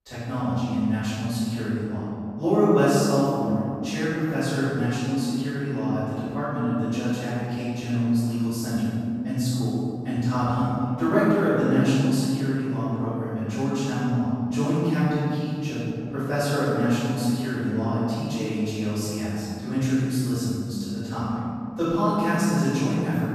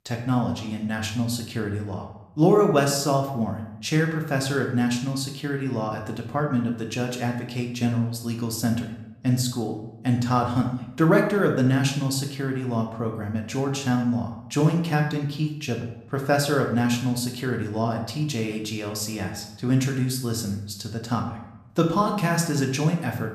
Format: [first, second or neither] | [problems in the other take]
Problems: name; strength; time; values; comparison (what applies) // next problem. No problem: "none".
second | room echo; strong; dies away in 2.3 s; slight in the second // off-mic speech; far